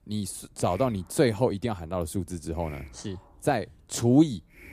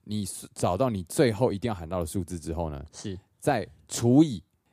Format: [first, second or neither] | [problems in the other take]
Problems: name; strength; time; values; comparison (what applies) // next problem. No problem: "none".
second | hiss; faint; throughout; 25 dB below the speech